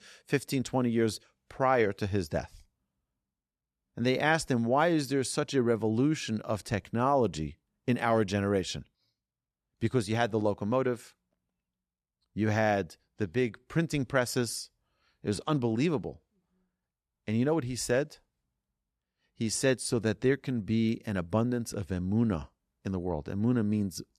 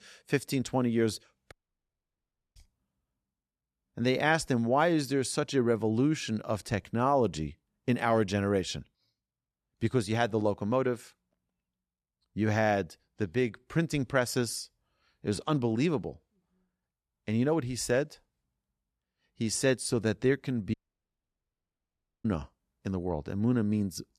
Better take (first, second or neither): first